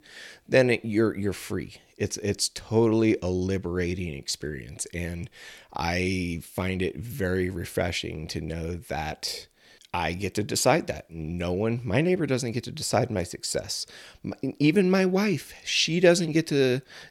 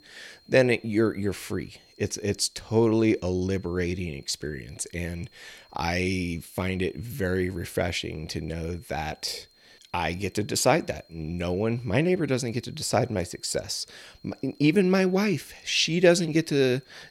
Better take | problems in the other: first | high-pitched whine; faint; throughout; 4 kHz, 30 dB below the speech

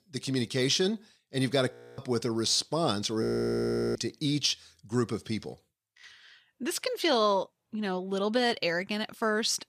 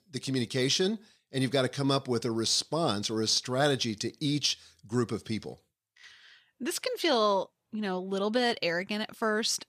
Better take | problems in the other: second | audio freezing; at 1.5 s and at 3 s for 0.5 s

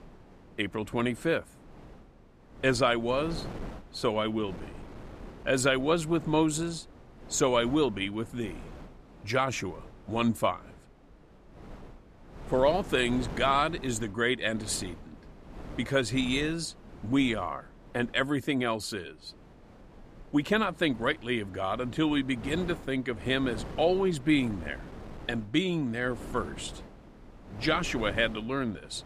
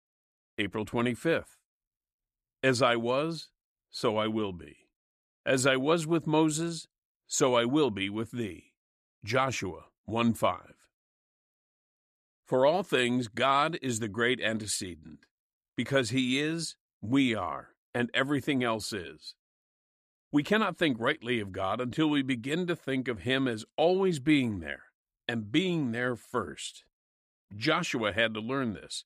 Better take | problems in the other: second | wind noise on the microphone; occasional gusts; 20 dB below the speech

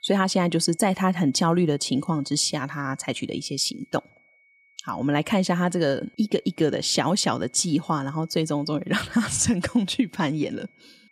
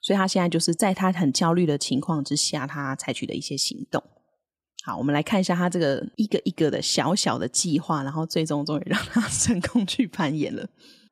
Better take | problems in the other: second | high-pitched whine; faint; throughout; 2 kHz, 30 dB below the speech

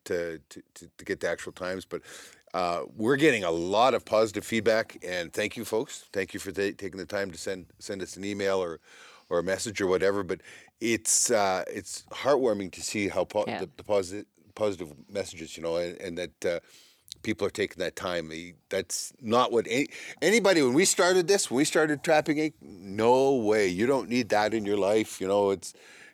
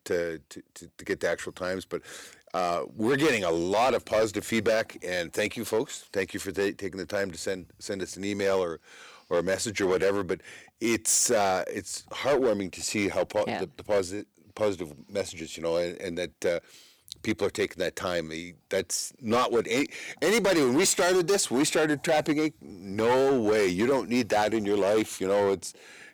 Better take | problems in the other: first | distortion; slight; 7% of the sound clipped

